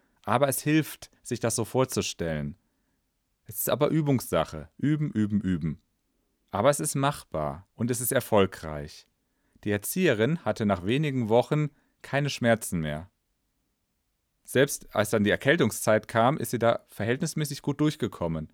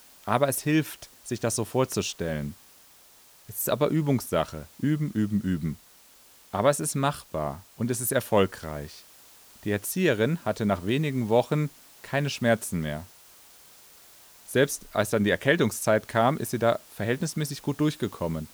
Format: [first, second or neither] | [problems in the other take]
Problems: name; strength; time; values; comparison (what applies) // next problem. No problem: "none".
first | hiss; faint; throughout; 25 dB below the speech